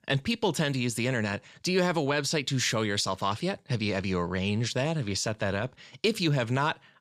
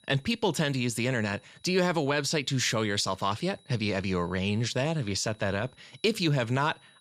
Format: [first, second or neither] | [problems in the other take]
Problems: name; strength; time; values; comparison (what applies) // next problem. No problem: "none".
first | high-pitched whine; faint; throughout; 4 kHz, 30 dB below the speech